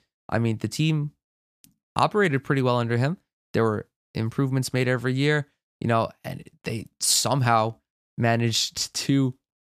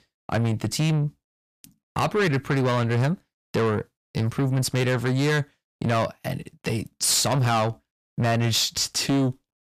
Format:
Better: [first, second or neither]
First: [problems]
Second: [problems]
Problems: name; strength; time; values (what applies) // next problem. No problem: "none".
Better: first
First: none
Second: distortion; heavy; 8 dB below the speech